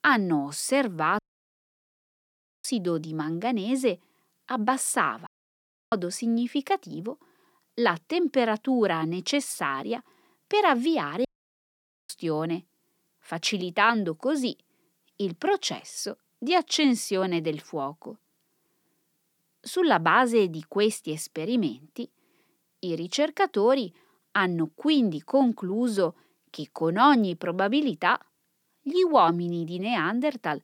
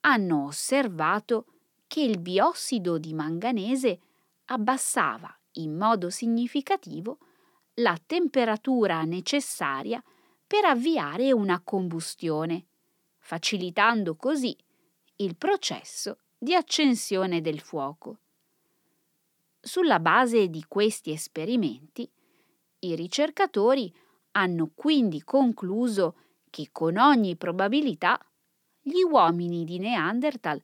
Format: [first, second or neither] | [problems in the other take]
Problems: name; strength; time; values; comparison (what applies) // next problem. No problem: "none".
second | audio cutting out; at 1 s for 1.5 s, at 5.5 s for 0.5 s and at 11 s for 1 s